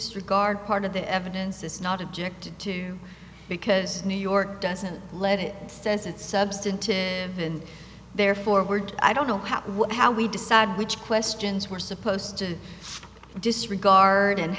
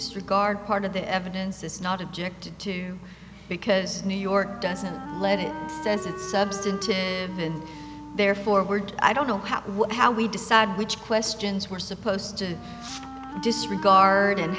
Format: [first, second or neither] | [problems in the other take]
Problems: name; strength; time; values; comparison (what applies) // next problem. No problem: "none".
first | background sound (Wind instrument, woodwind instrument); 14 dB below the speech